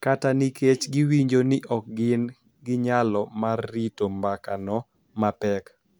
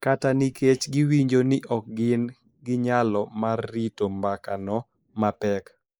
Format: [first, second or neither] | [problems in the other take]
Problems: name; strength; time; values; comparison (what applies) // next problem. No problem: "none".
first | noise reduction (neural mask model Resemble Enhance denoiser)